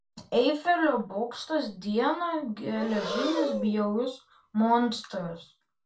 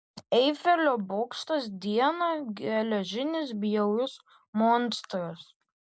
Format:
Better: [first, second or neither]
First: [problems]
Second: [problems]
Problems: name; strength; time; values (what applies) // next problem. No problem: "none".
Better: second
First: background sound (Breathing); 10 dB below the speech // room echo; dies away in 0.2 s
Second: none